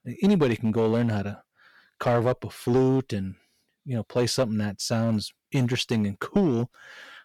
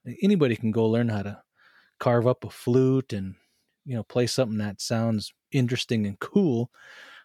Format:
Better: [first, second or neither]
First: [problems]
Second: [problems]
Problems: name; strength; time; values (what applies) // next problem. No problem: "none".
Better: second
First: distortion; slight; 4% of the sound clipped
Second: none